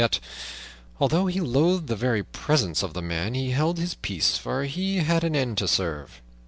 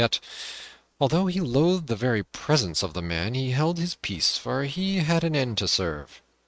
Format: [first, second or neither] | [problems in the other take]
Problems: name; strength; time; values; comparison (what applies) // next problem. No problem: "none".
first | noise reduction (neural mask model RNNoise)